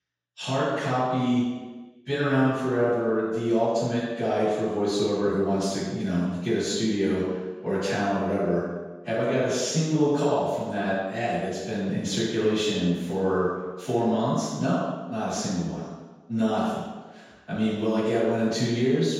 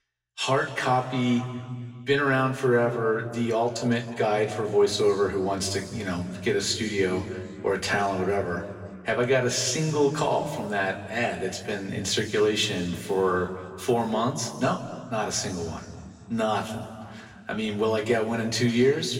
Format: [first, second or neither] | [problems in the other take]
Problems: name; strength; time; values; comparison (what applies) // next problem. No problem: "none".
second | room echo; strong; dies away in 1.2 s; slight in the second // off-mic speech; far; far in the second